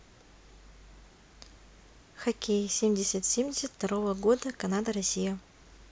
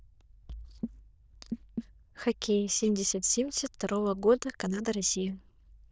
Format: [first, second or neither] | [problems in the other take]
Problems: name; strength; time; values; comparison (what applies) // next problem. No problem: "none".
first | noise reduction (neural diffusion model UNIVERSE++)